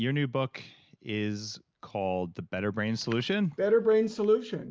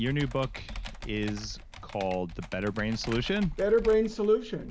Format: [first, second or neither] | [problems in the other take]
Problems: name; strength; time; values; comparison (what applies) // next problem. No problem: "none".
first | background sound (Computer keyboard); 12 dB below the speech